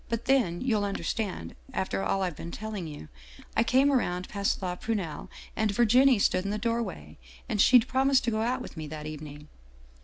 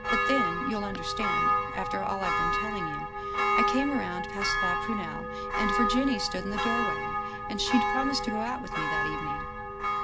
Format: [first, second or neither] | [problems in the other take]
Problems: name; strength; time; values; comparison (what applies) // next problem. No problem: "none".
first | background sound (Church bell); 3 dB above the speech